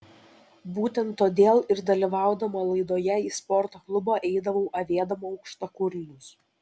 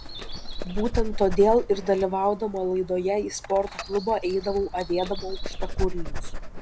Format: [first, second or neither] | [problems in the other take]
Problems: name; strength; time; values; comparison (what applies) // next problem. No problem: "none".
first | background sound (Dog); 5 dB below the speech